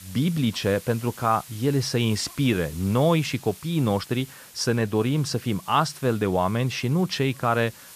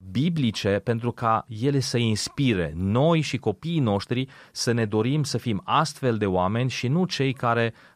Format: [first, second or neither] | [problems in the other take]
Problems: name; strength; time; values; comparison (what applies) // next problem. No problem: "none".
second | hiss; noticeable; throughout; 20 dB below the speech